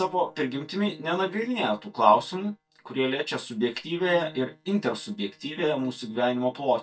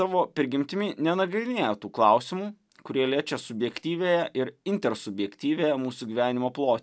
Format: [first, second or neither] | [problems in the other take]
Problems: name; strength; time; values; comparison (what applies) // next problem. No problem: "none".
second | noise reduction (neural mask model DeepFilterNet 3)